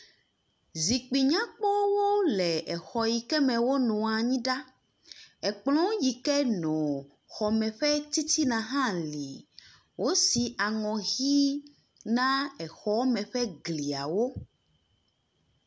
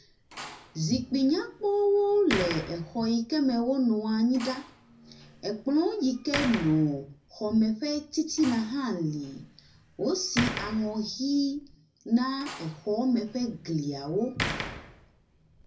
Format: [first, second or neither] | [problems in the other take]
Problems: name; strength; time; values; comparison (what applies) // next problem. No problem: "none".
first | background sound (Slam); 12 dB below the speech // room echo; dies away in 0.4 s